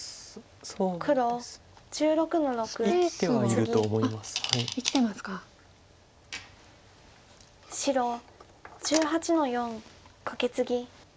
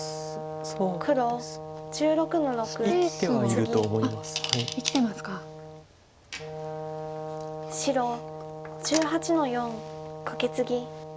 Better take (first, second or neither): first